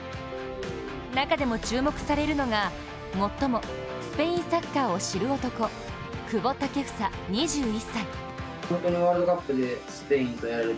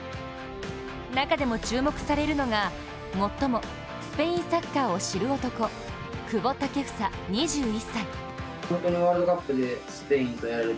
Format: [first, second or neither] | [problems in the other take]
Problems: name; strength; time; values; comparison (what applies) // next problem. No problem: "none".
second | background sound (Guitar); 14 dB below the speech